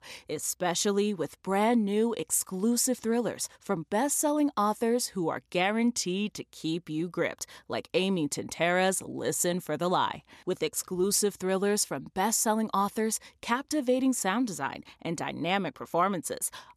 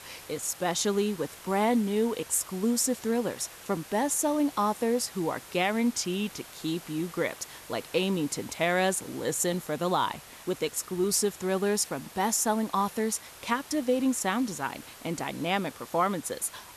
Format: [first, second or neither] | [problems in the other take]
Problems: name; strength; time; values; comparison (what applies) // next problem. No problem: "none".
first | hiss; noticeable; throughout; 15 dB below the speech